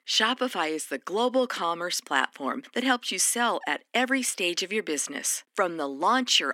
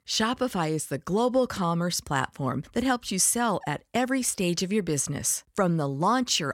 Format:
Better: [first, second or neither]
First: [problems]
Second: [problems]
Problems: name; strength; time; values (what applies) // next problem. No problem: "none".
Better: second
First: thin; very slightly; fading below 250 Hz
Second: none